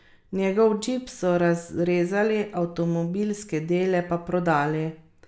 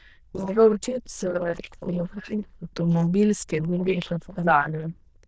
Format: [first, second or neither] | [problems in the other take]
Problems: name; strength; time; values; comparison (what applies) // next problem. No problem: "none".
first | noise reduction (neural diffusion model UNIVERSE++)